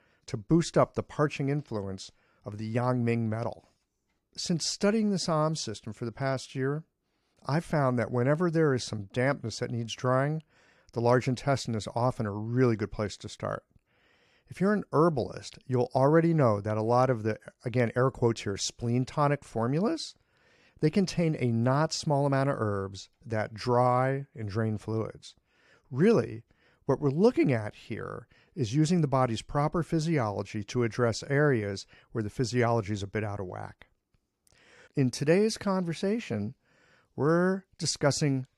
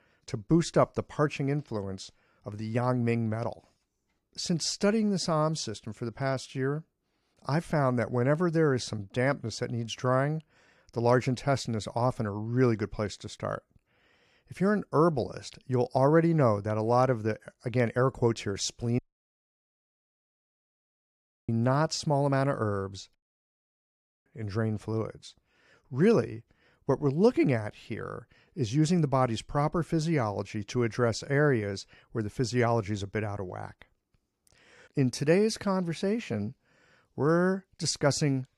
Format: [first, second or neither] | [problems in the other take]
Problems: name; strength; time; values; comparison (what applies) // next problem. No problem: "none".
first | audio cutting out; at 19 s for 2.5 s and at 23 s for 1 s